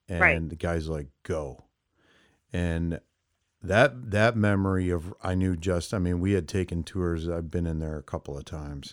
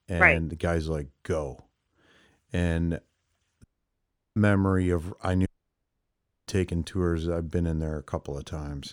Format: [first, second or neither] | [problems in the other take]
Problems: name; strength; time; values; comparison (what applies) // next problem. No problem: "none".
first | audio cutting out; at 3.5 s for 0.5 s and at 5.5 s for 1 s